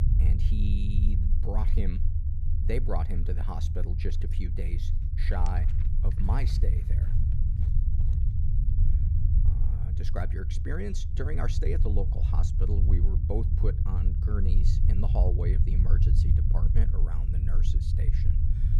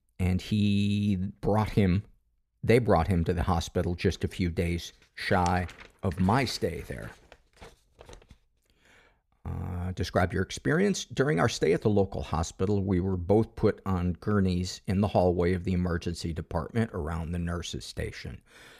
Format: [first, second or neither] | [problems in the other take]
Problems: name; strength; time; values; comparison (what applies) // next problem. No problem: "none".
second | low rumble; loud; throughout; 4 dB below the speech